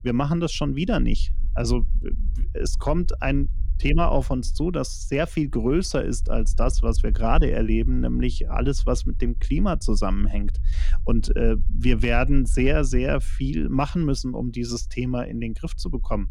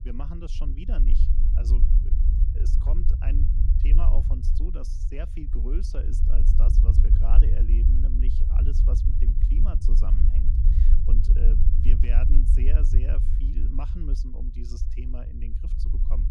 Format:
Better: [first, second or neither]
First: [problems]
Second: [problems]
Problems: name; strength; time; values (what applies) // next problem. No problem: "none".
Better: first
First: low rumble; faint; throughout; 25 dB below the speech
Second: low rumble; loud; throughout; 1 dB below the speech